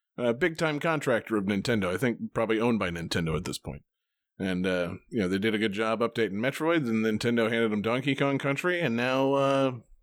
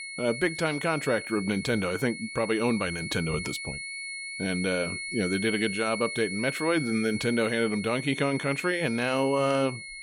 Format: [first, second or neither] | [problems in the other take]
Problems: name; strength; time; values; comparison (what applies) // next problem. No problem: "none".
first | high-pitched whine; loud; throughout; 2 kHz, 7 dB below the speech